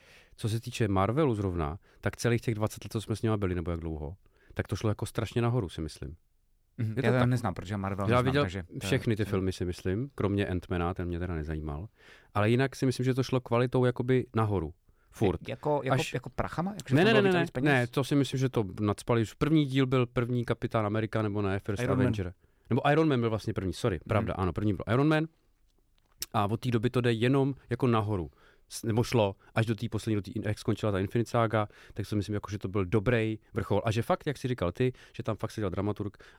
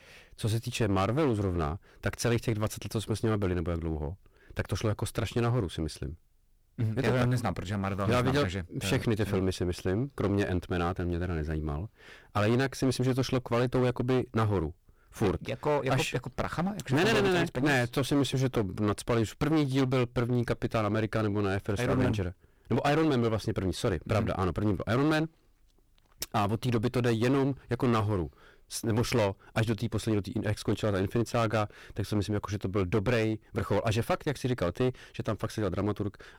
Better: first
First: none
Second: distortion; heavy; 13% of the sound clipped

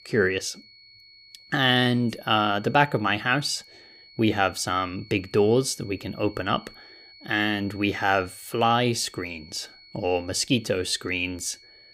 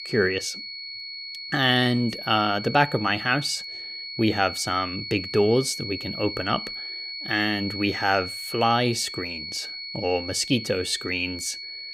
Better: first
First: high-pitched whine; faint; throughout; 4.5 kHz, 25 dB below the speech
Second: high-pitched whine; loud; throughout; 4.5 kHz, 8 dB below the speech

